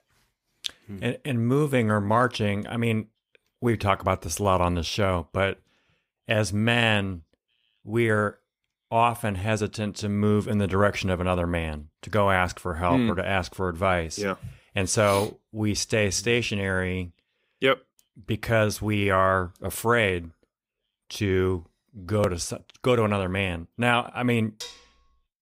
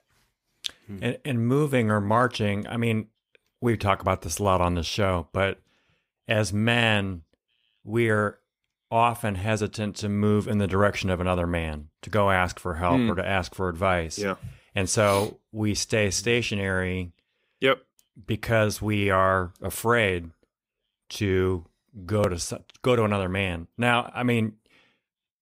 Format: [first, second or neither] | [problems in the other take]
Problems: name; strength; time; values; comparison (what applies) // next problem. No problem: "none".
second | clattering dishes; faint; at 25 s; peak 15 dB below the speech